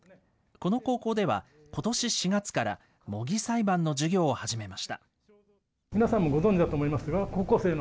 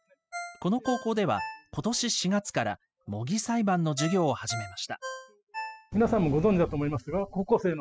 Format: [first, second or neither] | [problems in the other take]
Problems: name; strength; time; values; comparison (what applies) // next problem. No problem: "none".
first | noise reduction (classical method spectral subtraction)